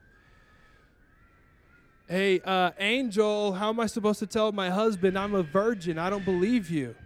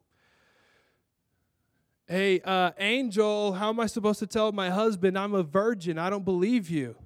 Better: second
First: wind noise on the microphone; occasional gusts; 20 dB below the speech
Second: none

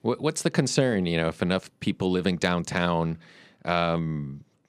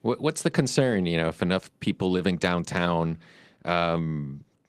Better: first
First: none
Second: garbled, watery; slightly

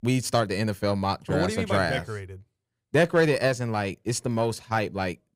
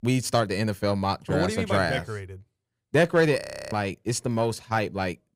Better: first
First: none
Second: audio freezing; at 3.5 s

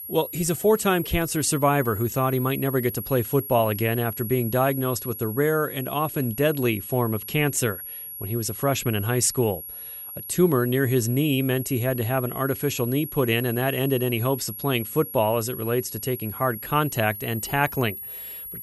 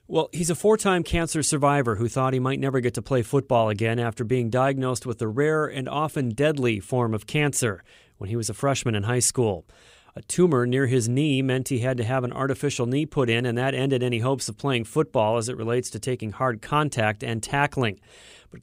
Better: second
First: high-pitched whine; loud; throughout; 11.5 kHz, 9 dB below the speech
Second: none

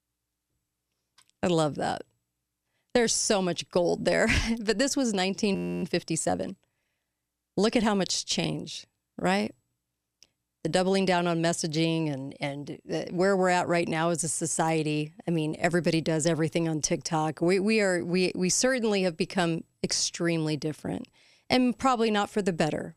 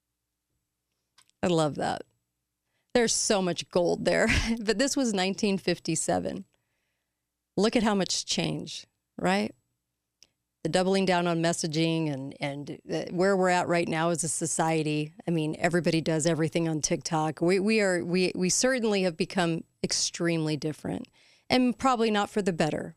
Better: second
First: audio freezing; at 5.5 s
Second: none

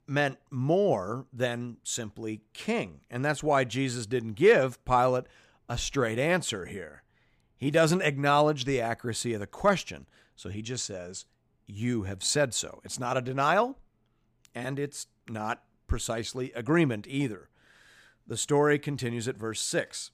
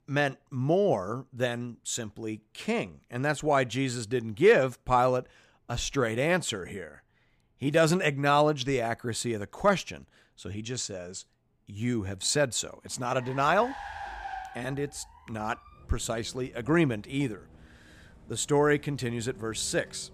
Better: first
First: none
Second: traffic noise; noticeable; from 13 s on; 20 dB below the speech

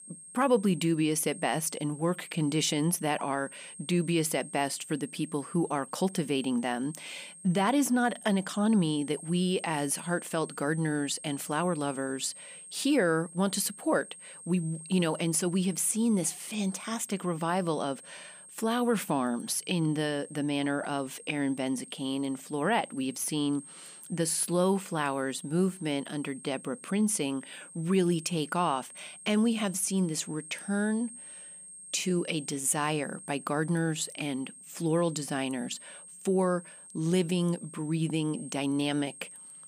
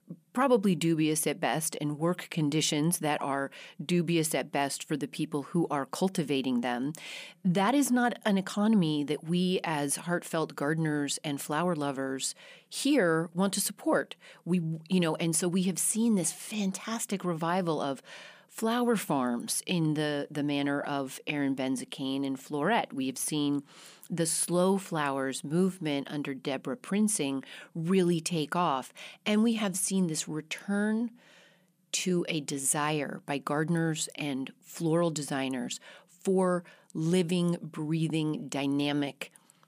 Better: second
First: high-pitched whine; noticeable; throughout; 8.5 kHz, 15 dB below the speech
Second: none

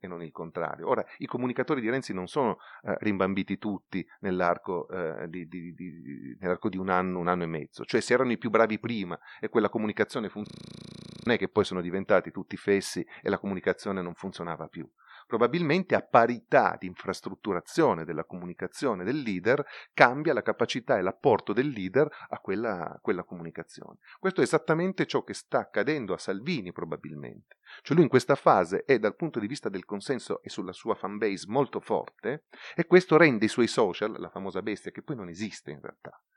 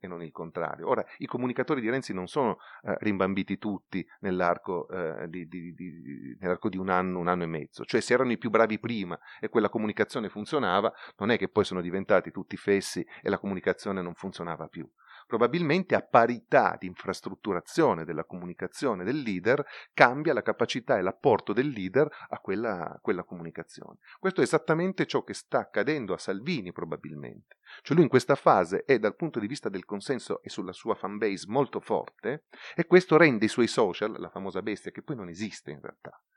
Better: second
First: audio freezing; at 10 s for 1 s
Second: none

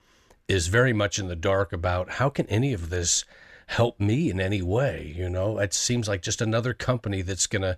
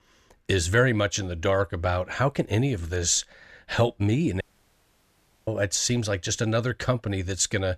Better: first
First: none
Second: audio cutting out; at 4.5 s for 1 s

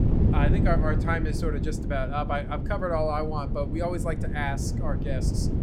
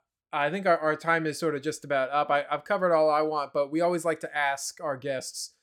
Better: second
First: wind noise on the microphone; heavy; 7 dB below the speech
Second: none

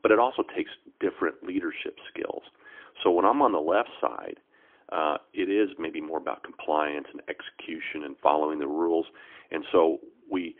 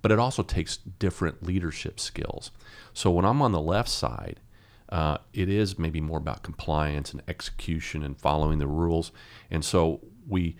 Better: second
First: phone-call audio; poor line; nothing above 3.5 kHz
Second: none

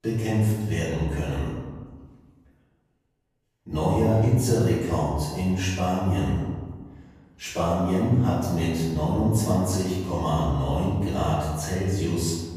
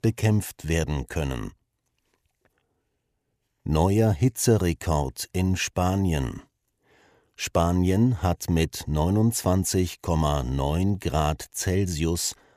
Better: second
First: room echo; strong; dies away in 1.4 s // off-mic speech; far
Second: none

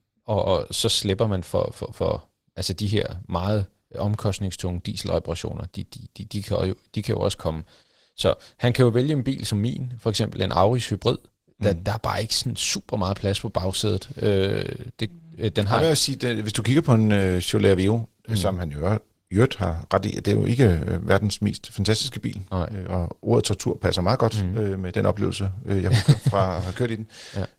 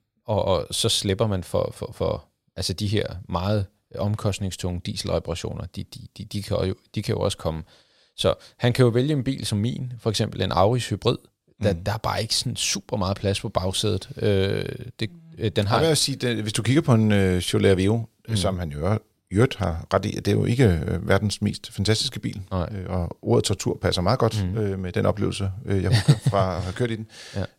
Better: second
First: garbled, watery; slightly; nothing above 16 kHz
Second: none

